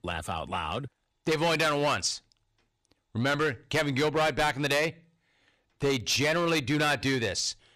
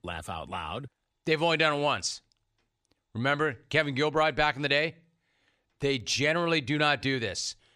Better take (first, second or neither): second